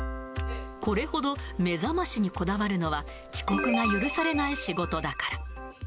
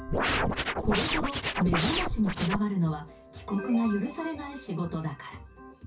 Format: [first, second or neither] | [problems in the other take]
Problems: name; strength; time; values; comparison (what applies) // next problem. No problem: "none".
first | background sound (Scratching (performance technique)); 1 dB above the speech // room echo; dies away in 0.3 s